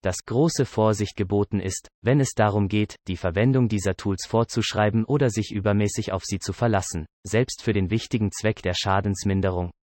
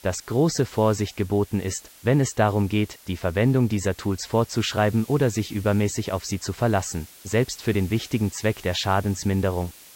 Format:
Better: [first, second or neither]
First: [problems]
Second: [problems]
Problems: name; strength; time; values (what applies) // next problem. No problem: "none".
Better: first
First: none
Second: hiss; faint; throughout; 20 dB below the speech